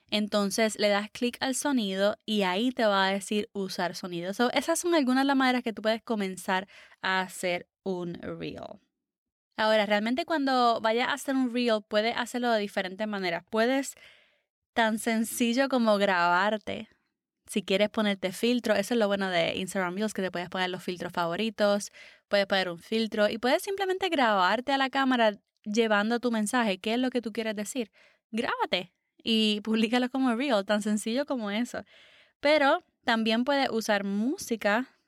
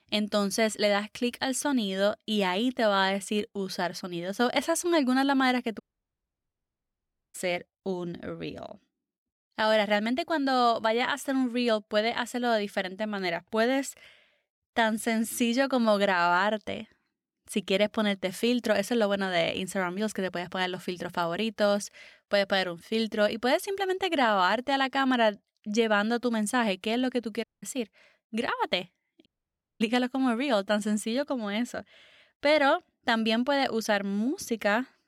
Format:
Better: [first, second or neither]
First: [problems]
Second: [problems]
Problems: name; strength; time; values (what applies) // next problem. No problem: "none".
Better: first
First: none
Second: audio cutting out; at 6 s for 1.5 s, at 27 s and at 29 s for 0.5 s